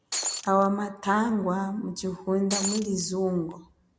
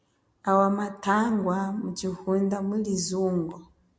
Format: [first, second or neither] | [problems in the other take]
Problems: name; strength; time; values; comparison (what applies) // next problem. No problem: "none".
second | background sound (Shatter); 4 dB below the speech